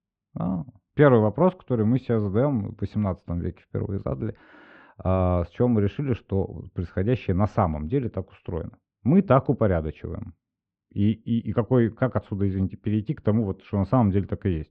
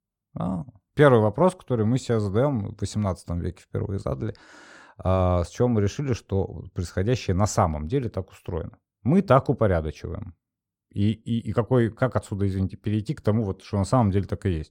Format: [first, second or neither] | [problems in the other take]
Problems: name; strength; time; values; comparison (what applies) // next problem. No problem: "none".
second | muffled; very; fading above 3 kHz